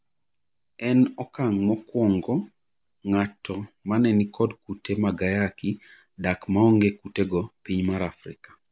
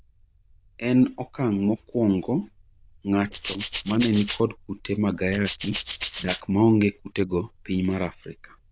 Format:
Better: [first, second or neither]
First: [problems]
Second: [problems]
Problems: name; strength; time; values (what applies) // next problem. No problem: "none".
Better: first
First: none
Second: noise reduction (neural diffusion model UNIVERSE++)